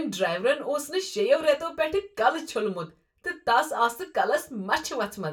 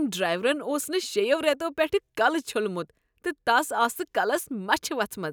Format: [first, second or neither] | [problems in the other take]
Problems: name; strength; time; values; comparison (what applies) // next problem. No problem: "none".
second | room echo; dies away in 0.2 s